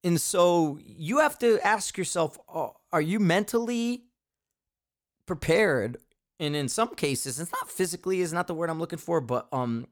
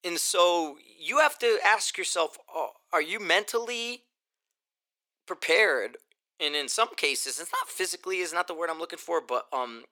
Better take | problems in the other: first | thin; very; fading below 400 Hz

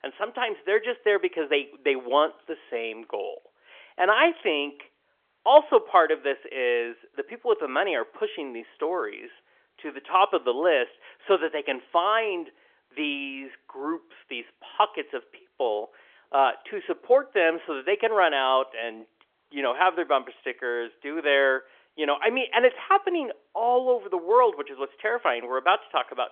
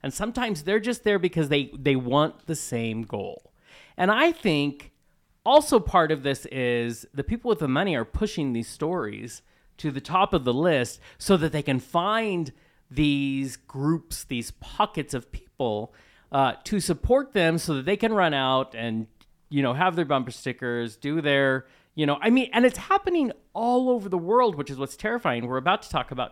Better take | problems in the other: second | phone-call audio; nothing above 3.5 kHz

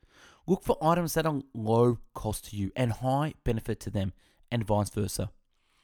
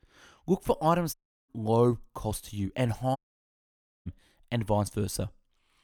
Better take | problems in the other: first | audio cutting out; at 1 s and at 3 s for 1 s

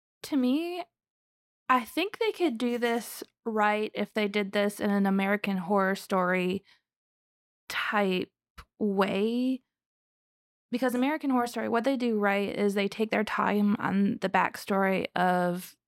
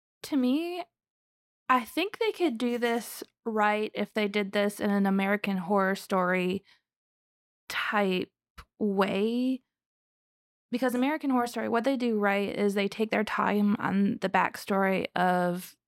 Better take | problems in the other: neither | none

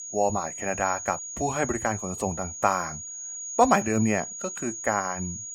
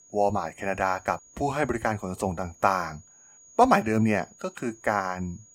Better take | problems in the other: second | high-pitched whine; loud; throughout; 6.5 kHz, 7 dB below the speech; faint in the second

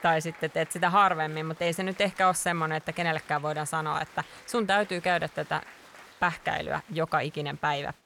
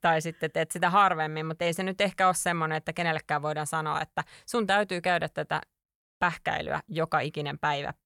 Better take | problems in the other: second | crowd noise; faint; throughout; 20 dB below the speech

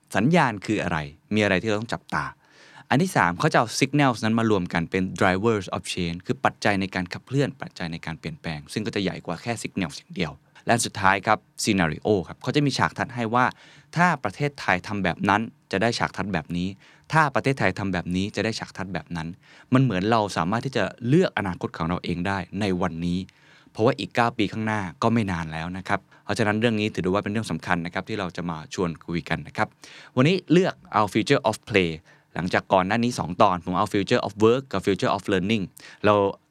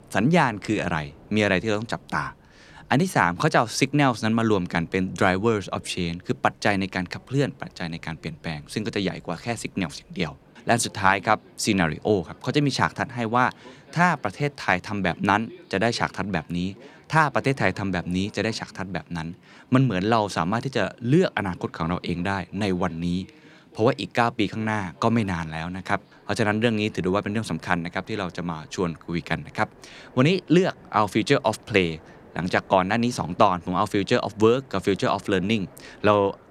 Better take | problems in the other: first | train or aircraft noise; faint; throughout; 25 dB below the speech

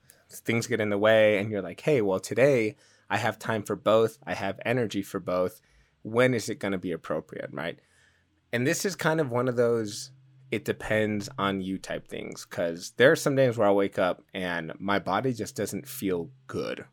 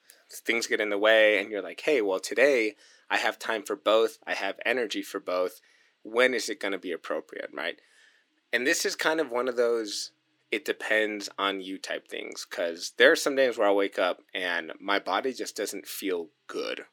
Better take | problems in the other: first | thin; somewhat; fading below 300 Hz

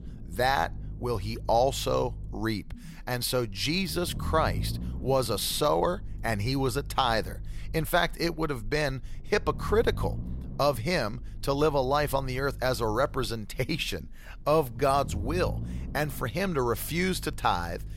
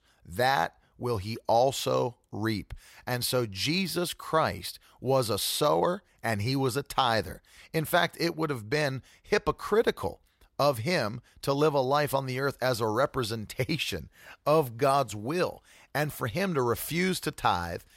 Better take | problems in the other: second | low rumble; faint; throughout; 25 dB below the speech

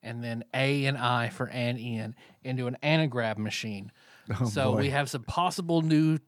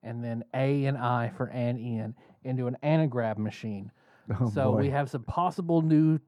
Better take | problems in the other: first | muffled; slightly; fading above 1.5 kHz

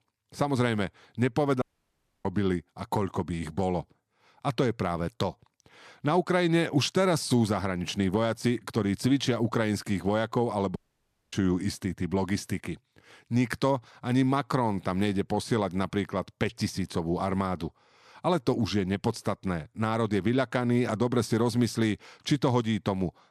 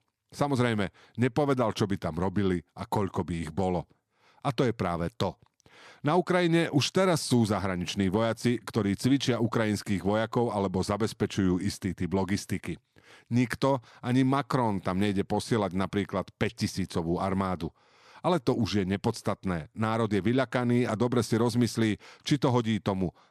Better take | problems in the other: second | audio cutting out; at 1.5 s for 0.5 s and at 11 s for 0.5 s

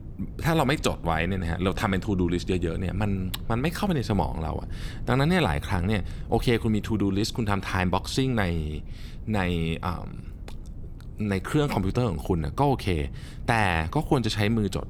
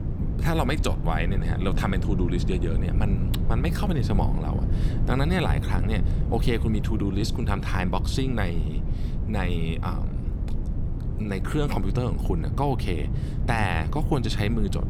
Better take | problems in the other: first | low rumble; loud; throughout; 9 dB below the speech; faint in the first

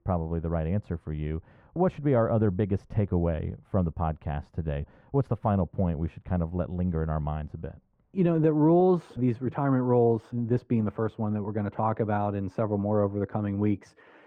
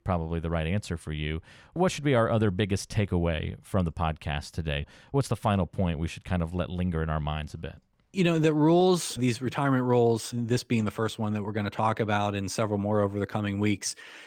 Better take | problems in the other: second | muffled; very; fading above 2.5 kHz

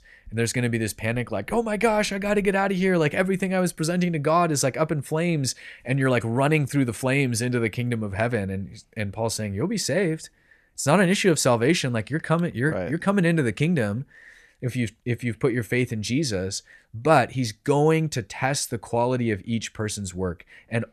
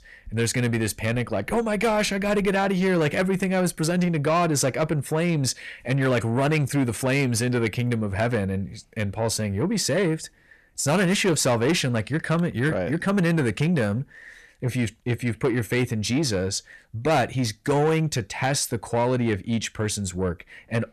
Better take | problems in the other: first | distortion; slight; 10 dB below the speech

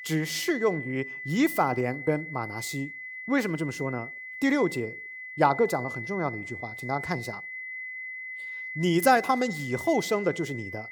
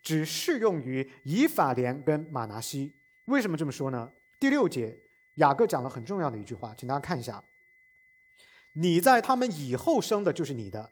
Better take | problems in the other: second | high-pitched whine; loud; throughout; 2 kHz, 9 dB below the speech; faint in the second

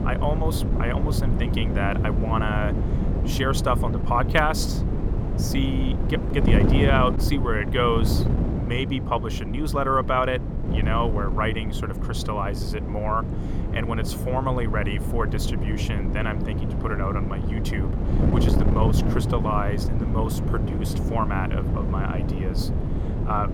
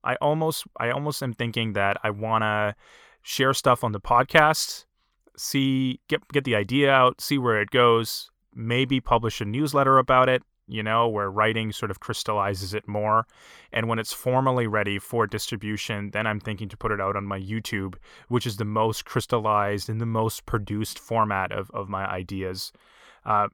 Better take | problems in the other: second | wind noise on the microphone; heavy; 7 dB below the speech

